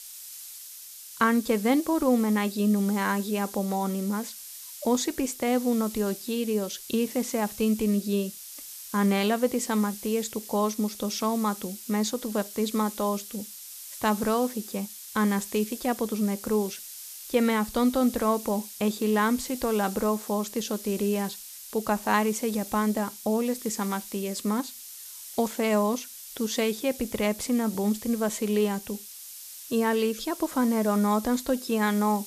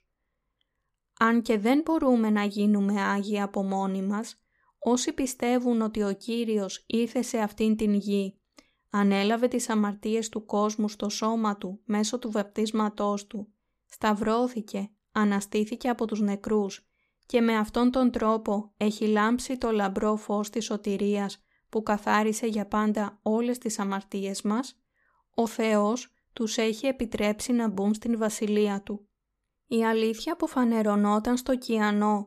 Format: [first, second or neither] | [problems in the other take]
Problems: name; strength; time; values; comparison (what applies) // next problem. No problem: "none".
second | hiss; noticeable; throughout; 10 dB below the speech